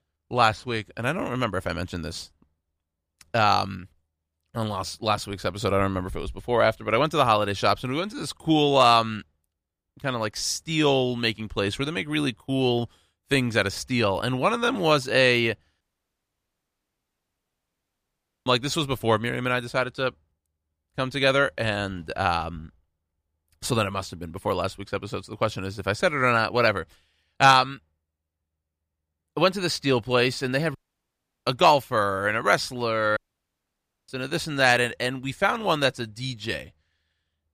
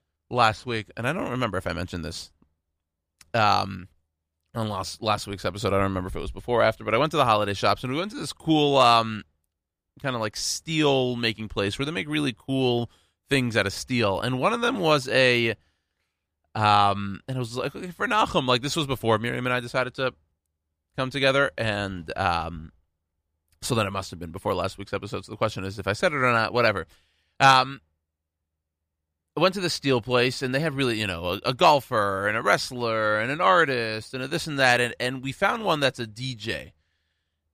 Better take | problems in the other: second | audio cutting out; at 16 s for 2.5 s, at 31 s for 0.5 s and at 33 s for 1 s

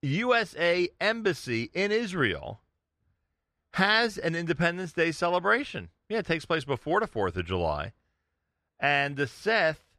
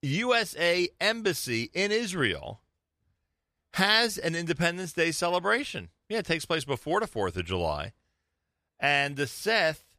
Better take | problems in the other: second | muffled; very slightly; fading above 2.5 kHz

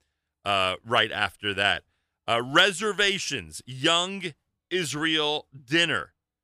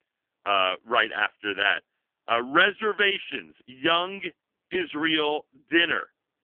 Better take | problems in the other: first | phone-call audio; poor line; nothing above 3.5 kHz

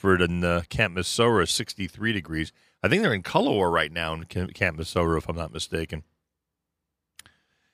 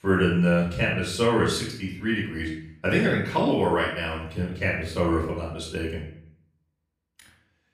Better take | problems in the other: first | off-mic speech; far // room echo; noticeable; dies away in 0.6 s

